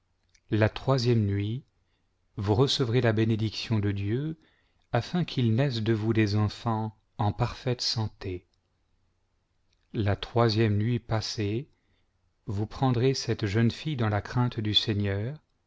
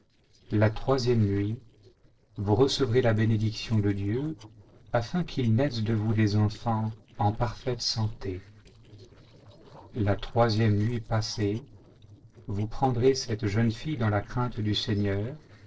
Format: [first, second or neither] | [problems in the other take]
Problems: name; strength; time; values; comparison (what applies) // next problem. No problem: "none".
first | noise reduction (neural separator model SepFormer DNS4)